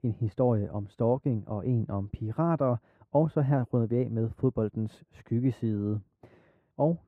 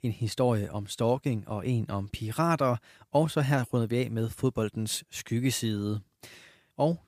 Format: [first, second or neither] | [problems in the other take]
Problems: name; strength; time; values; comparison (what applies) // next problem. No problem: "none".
second | muffled; very; fading above 2 kHz